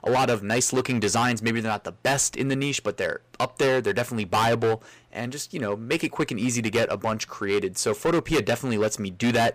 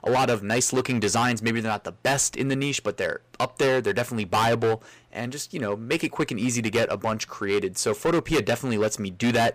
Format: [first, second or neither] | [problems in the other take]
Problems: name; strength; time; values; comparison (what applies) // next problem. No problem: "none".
neither | distortion; heavy; 12% of the sound clipped; the same in both